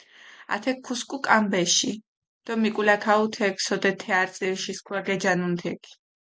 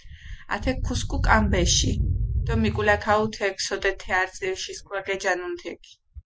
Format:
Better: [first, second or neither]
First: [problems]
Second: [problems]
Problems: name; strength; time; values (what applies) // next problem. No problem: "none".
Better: first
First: none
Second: noise reduction (classical method Wiener filter)